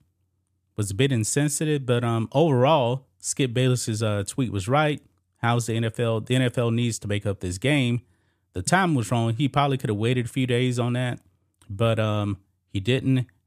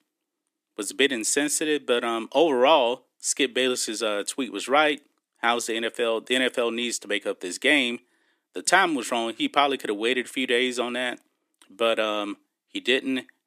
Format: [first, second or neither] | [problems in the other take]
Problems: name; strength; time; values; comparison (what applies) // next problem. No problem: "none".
first | thin; somewhat; fading below 300 Hz